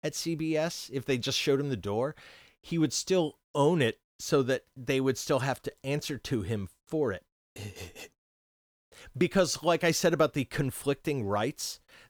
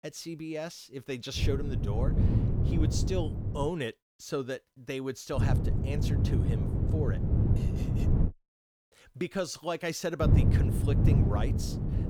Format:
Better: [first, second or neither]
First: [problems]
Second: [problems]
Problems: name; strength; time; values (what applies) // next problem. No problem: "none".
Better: first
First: none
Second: wind noise on the microphone; heavy; from 1.5 to 3.5 s, from 5.5 to 8.5 s and from 10 s on; 3 dB below the speech